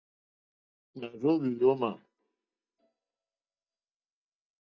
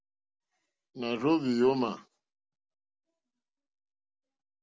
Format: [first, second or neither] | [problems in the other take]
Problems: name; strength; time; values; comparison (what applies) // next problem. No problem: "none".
second | noise reduction (neural mask model DeepFilterNet 3)